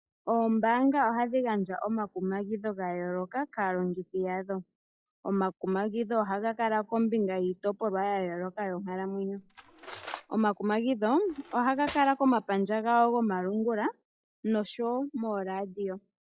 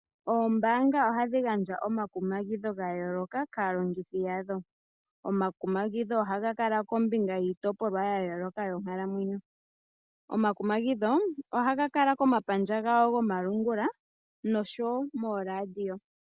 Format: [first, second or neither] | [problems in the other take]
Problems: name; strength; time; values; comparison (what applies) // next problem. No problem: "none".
second | noise reduction (classical method log-MMSE)